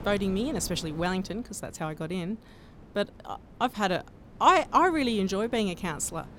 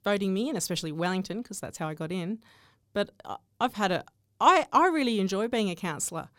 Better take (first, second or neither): second